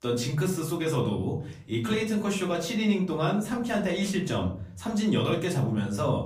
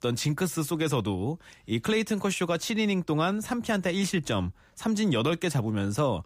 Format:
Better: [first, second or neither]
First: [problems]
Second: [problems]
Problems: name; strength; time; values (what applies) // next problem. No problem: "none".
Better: second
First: room echo; slight; dies away in 0.4 s // off-mic speech; far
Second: none